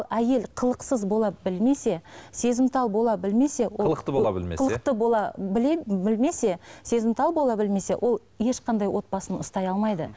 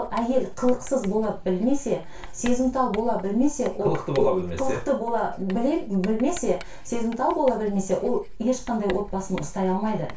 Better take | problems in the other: first | background sound (Writing); 18 dB below the speech // room echo; dies away in 0.3 s

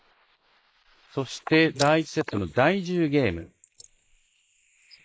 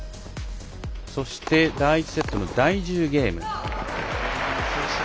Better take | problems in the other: second | noise reduction (neural mask model Resemble Enhance denoiser)

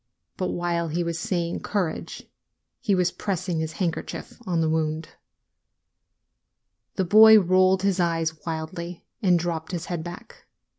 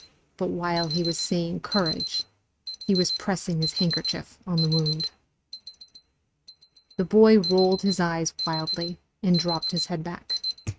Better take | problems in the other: first | noise reduction (neural mask model RNNoise)

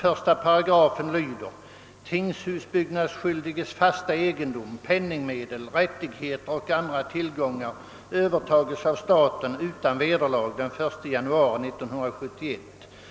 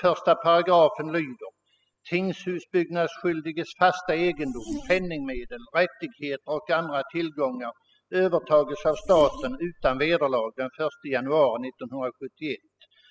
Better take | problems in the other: first | noise reduction (classical method spectral subtraction)

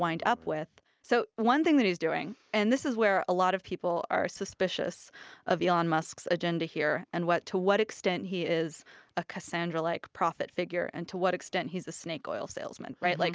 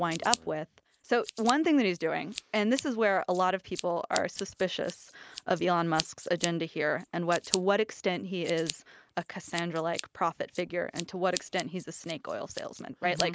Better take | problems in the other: first | background sound (Scissors); 12 dB below the speech

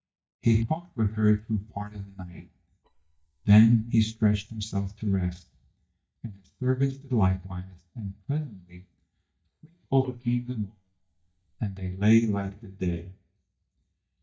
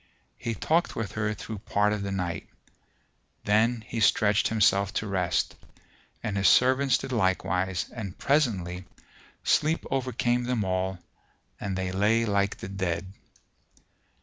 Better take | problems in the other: second | noise reduction (neural mask model DeepFilterNet 3)

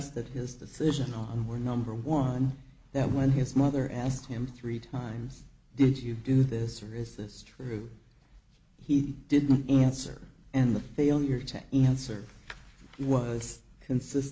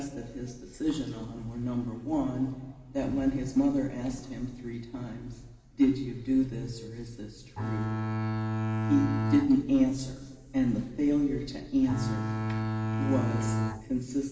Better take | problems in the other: first | background sound (Bowed string instrument); as loud as the speech // room echo; dies away in 2.6 s

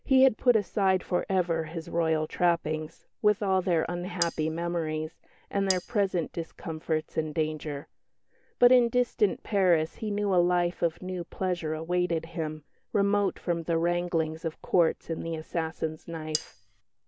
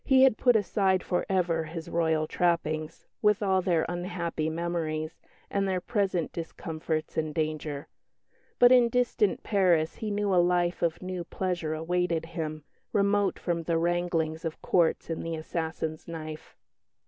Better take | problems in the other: second | background sound (Cutlery, silverware); 9 dB below the speech

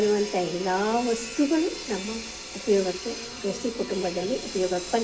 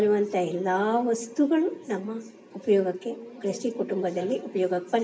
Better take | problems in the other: second | background sound (Sawing); 11 dB below the speech

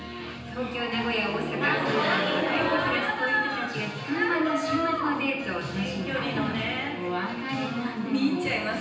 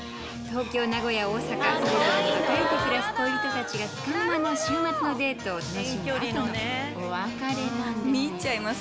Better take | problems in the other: second | room echo; dies away in 0.9 s

